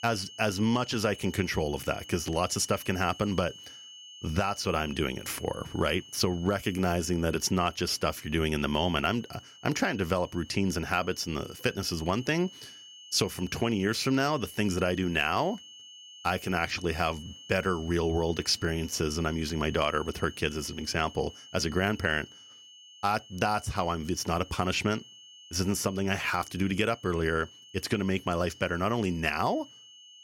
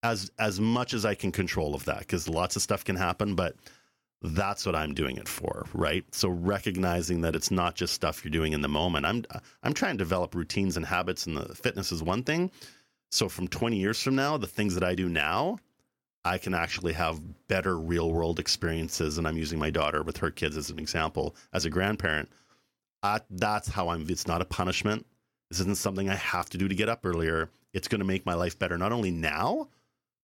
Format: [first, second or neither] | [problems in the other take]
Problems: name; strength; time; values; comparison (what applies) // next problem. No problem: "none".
second | high-pitched whine; noticeable; throughout; 3 kHz, 20 dB below the speech